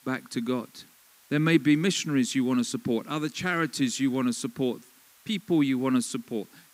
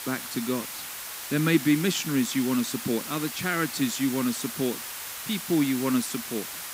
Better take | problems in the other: first | hiss; loud; throughout; 7 dB below the speech; faint in the first

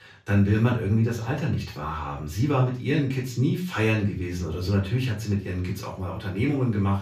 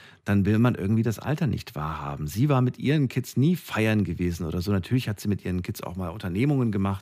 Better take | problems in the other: second | room echo; noticeable; dies away in 0.3 s // off-mic speech; far

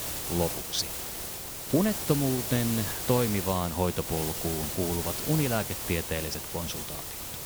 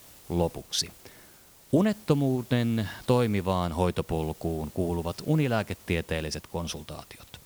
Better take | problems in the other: second | hiss; loud; throughout; 2 dB below the speech; faint in the second

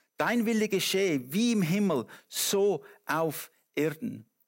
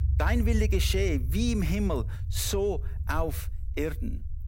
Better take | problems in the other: first | low rumble; noticeable; throughout; 15 dB below the speech

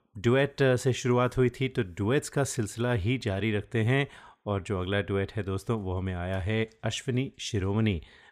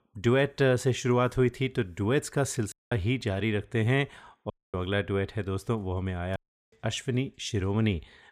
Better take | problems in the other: first | audio cutting out; at 2.5 s, at 4.5 s and at 6.5 s

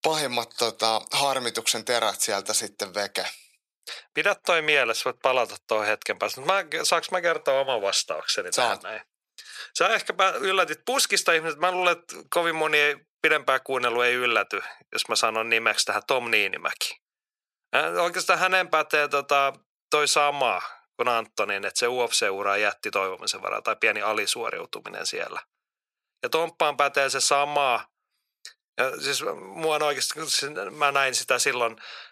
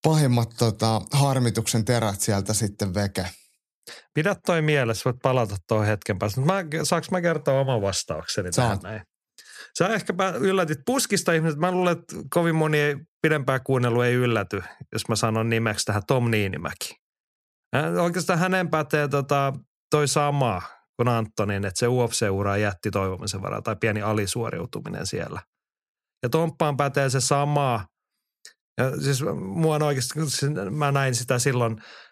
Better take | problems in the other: second | thin; very; fading below 600 Hz

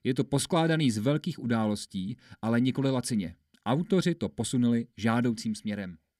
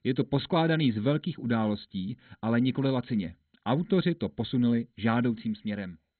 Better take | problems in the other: first | garbled, watery; badly; nothing above 4 kHz

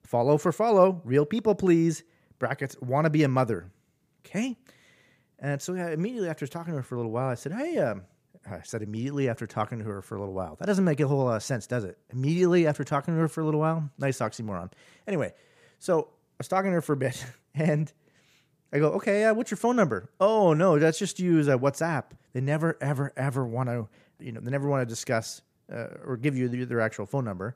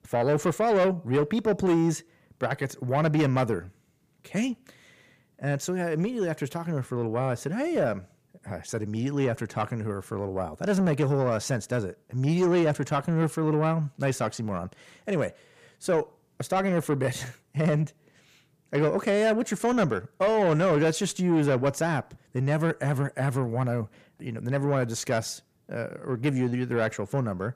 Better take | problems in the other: first | distortion; slight; 10 dB below the speech

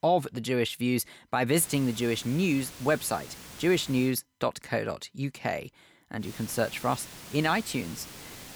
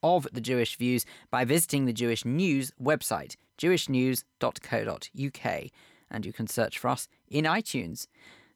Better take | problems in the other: second | hiss; noticeable; from 1.5 to 4 s and from 6 s on; 15 dB below the speech

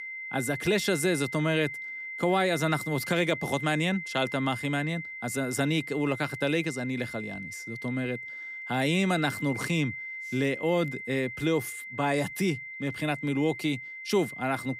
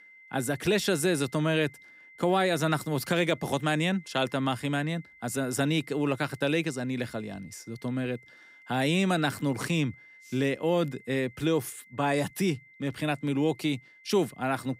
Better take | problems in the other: second | high-pitched whine; loud; throughout; 2 kHz, 8 dB below the speech; faint in the second

